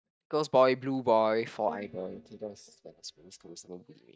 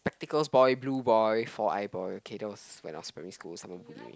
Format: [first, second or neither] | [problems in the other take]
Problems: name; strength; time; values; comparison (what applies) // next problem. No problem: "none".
second | noise reduction (neural mask model DeepFilterNet 3)